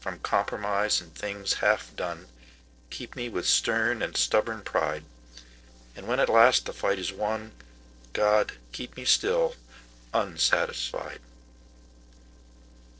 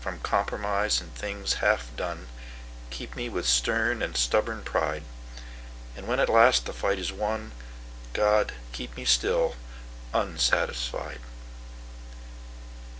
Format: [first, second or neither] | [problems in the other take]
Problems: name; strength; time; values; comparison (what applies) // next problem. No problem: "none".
second | noise reduction (neural separator model SepFormer DNS4)